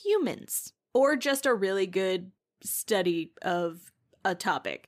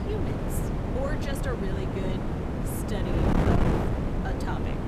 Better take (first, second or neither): first